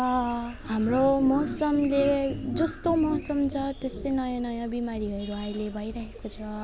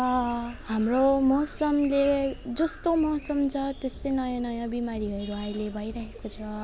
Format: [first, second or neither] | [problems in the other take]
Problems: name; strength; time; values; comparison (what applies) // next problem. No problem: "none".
second | background sound (Organ); 9 dB below the speech